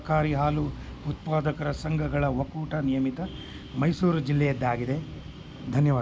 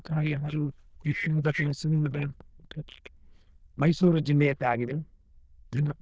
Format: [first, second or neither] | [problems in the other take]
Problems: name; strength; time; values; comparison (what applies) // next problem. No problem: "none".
first | noise reduction (neural diffusion model UNIVERSE++)